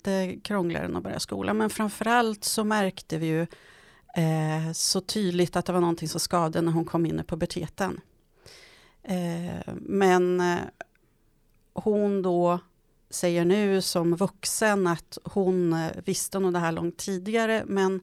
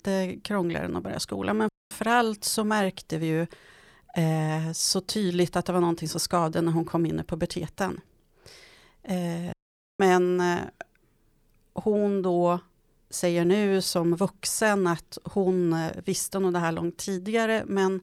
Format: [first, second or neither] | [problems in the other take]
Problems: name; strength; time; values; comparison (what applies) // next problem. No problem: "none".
first | audio cutting out; at 1.5 s and at 9.5 s